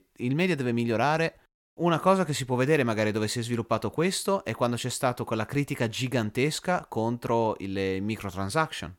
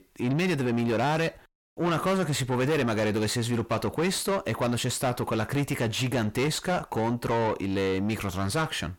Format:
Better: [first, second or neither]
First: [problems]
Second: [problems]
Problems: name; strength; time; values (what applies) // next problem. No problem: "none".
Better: first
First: none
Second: distortion; heavy; 7 dB below the speech